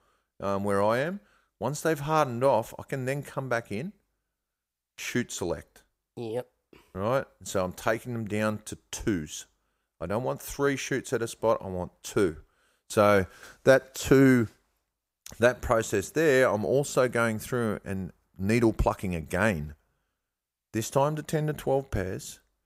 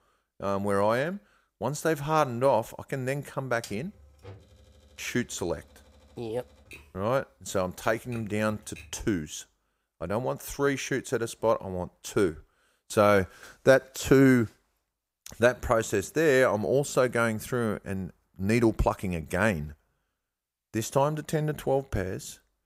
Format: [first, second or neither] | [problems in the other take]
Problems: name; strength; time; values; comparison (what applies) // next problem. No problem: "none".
first | keyboard typing; faint; from 3.5 to 9 s; peak 15 dB below the speech